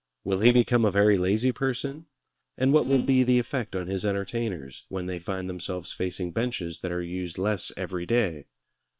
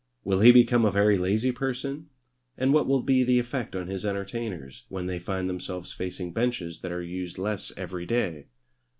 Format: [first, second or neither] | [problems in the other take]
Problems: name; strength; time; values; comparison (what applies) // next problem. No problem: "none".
second | noise reduction (neural separator model SepFormer WHAM!)